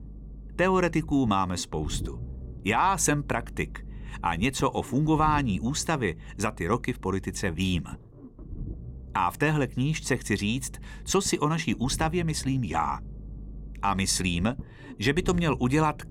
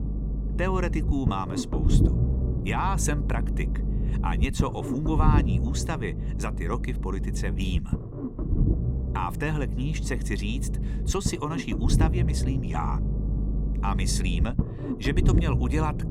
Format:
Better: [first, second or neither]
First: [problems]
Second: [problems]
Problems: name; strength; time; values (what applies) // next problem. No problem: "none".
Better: first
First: low rumble; faint; throughout; 25 dB below the speech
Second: low rumble; loud; throughout; 6 dB below the speech